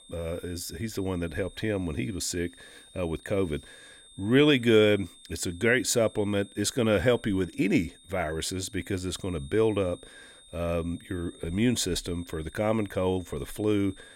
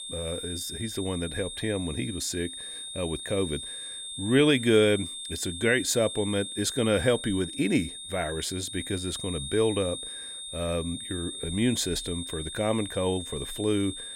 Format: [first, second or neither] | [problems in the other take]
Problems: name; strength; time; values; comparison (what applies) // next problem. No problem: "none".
first | high-pitched whine; loud; throughout; 3.5 kHz, 7 dB below the speech; faint in the first